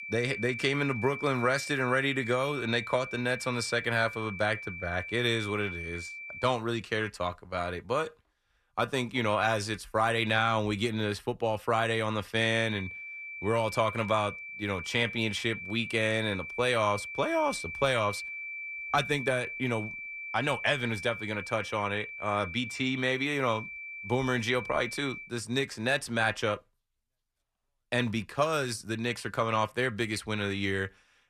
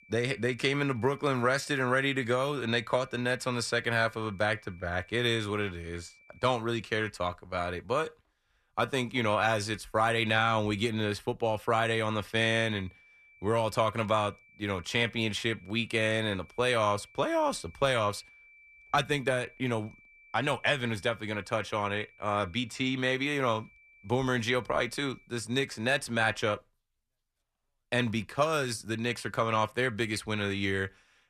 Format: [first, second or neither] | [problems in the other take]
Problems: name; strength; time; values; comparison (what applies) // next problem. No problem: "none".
second | high-pitched whine; loud; until 6.5 s and from 13 to 25 s; 2.5 kHz, 8 dB below the speech; faint in the second